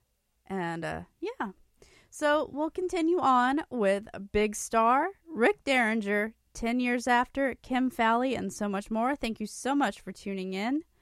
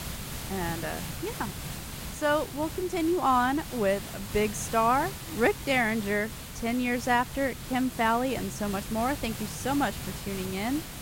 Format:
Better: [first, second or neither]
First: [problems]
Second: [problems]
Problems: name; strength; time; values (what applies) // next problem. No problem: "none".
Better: first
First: none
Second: hiss; loud; throughout; 9 dB below the speech